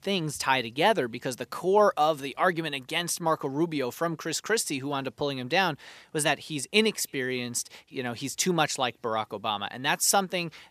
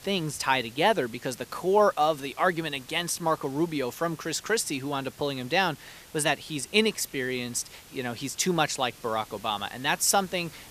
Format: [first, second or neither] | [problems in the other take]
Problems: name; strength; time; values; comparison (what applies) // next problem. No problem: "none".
first | hiss; faint; throughout; 20 dB below the speech